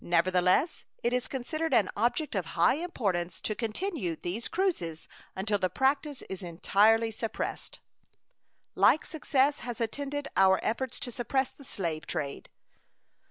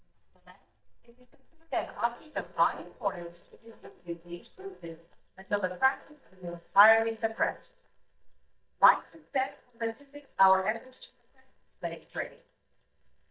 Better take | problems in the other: first | noise reduction (neural mask model DeepFilterNet 3)

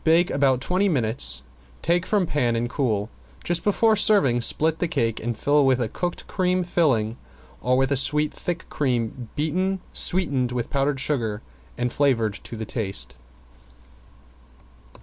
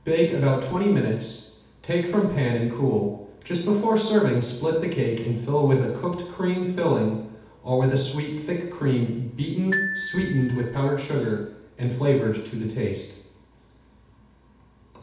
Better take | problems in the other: first | background sound (Glockenspiel); 8 dB below the speech // room echo; dies away in 0.8 s

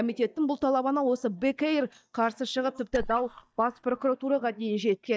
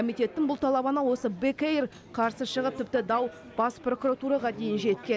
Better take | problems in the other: second | noise reduction (neural mask model DeepFilterNet 3)

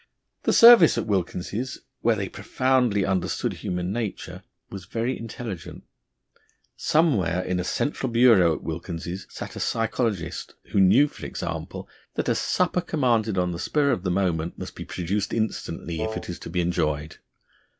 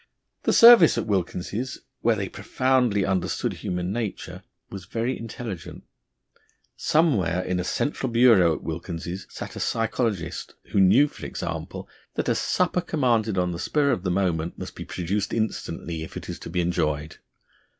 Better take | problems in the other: second | background sound (Wind instrument, woodwind instrument); 8 dB below the speech

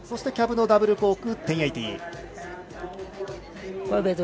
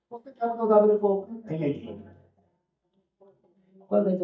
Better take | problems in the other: first | noise reduction (neural mask model DeepFilterNet 3)

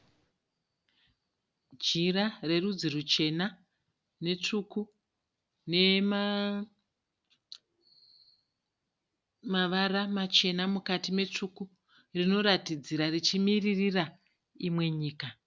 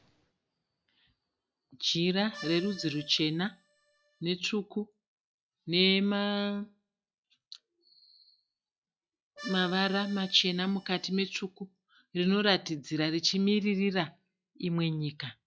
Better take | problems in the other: first | noise reduction (classical method log-MMSE)

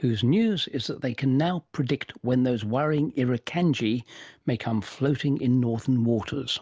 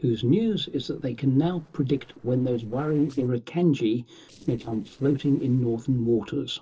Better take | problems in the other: first | noise reduction (neural separator model SepFormer DNS4)

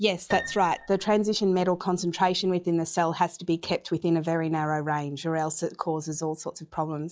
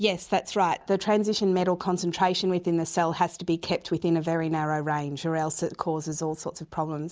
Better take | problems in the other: second | noise reduction (classical method log-MMSE)

